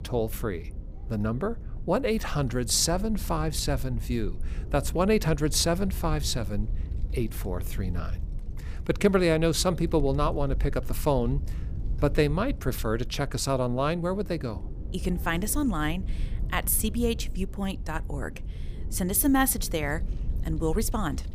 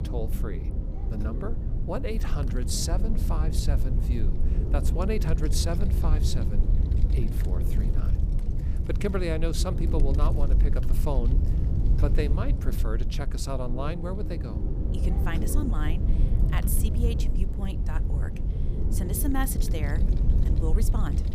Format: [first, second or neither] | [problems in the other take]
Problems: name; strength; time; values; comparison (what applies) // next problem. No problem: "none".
first | wind noise on the microphone; heavy; 6 dB below the speech; occasional gusts in the first